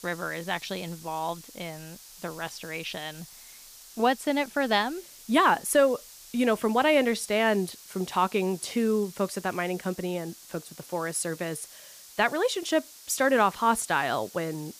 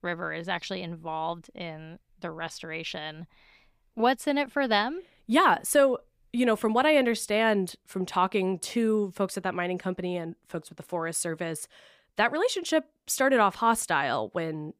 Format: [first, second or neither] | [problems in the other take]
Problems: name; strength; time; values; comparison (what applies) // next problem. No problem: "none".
second | hiss; noticeable; throughout; 20 dB below the speech